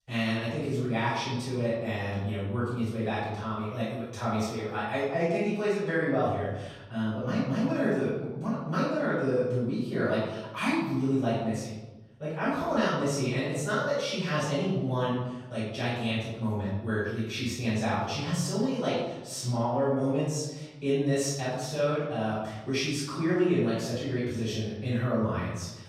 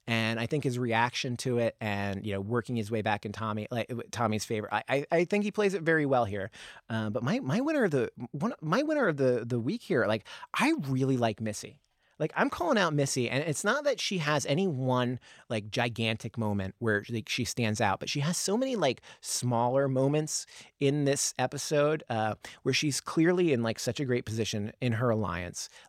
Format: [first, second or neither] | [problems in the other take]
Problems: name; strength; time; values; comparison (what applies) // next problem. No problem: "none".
second | off-mic speech; far // room echo; strong; dies away in 1.1 s